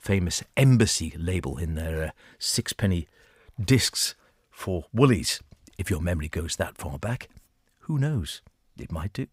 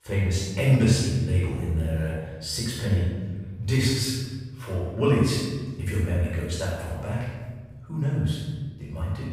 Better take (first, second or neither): first